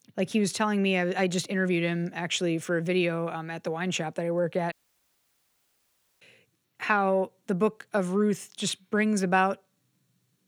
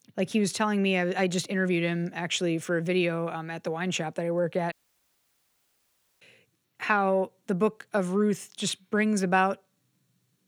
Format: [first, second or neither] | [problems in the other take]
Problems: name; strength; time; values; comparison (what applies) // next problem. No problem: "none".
neither | audio cutting out; at 4.5 s for 1.5 s; the same in both